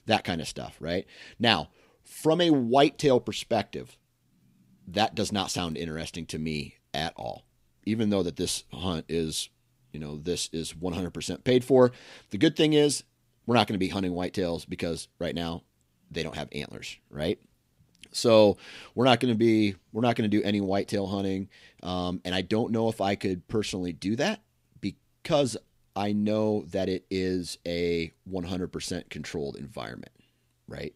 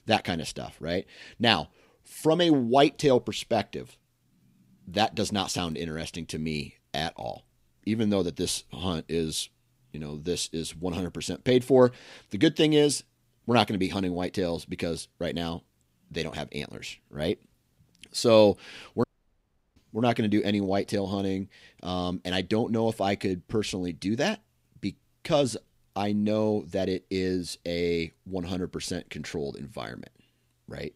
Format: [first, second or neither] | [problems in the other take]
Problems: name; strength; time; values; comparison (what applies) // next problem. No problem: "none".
first | audio cutting out; at 19 s for 0.5 s